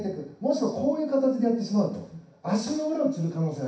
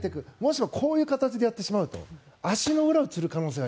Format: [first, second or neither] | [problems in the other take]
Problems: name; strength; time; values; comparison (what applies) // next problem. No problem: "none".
second | room echo; dies away in 0.6 s